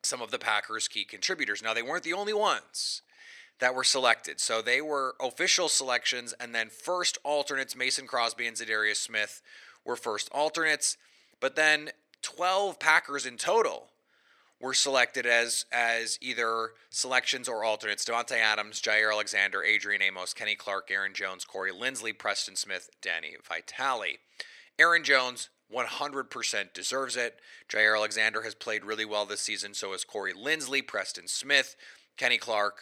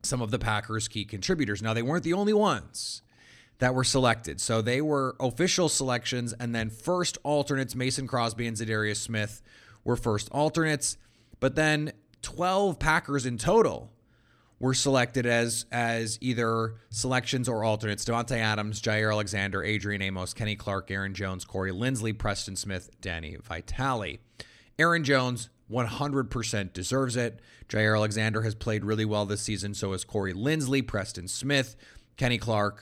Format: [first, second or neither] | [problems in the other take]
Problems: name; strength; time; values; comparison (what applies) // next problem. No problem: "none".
second | thin; very; fading below 600 Hz